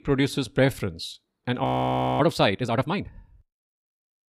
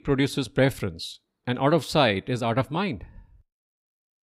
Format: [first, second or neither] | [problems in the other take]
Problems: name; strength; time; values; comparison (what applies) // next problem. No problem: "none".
second | audio freezing; at 1.5 s for 0.5 s